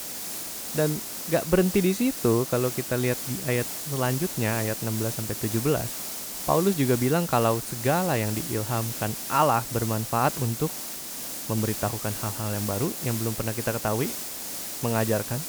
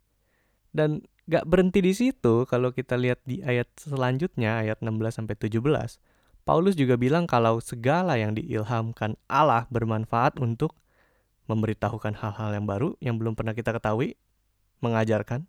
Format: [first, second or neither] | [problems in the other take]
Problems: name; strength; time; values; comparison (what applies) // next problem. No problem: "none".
second | hiss; loud; throughout; 4 dB below the speech